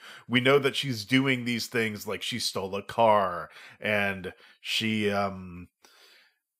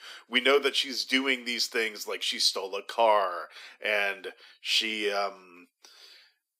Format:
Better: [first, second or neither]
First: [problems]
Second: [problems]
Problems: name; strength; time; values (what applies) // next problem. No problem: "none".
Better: first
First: none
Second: thin; somewhat; fading below 300 Hz